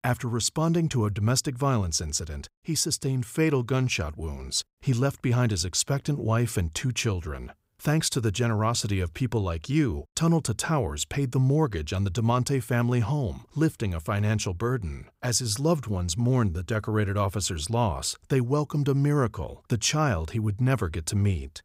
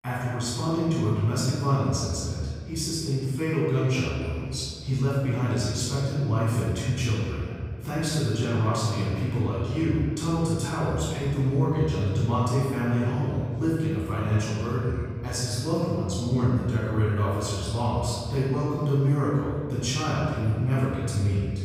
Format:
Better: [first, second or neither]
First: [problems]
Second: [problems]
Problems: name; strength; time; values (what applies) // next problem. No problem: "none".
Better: first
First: none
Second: off-mic speech; far // room echo; strong; dies away in 2.1 s